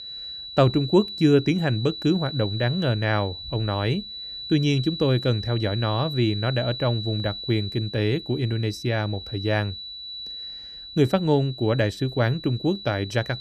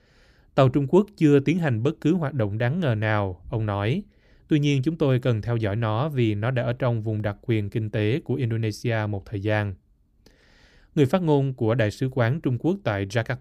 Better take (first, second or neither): second